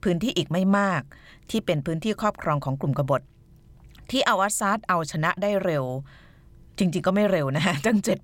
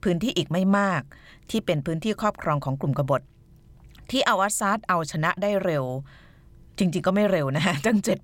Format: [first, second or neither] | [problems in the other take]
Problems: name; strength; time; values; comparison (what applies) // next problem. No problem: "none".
neither | none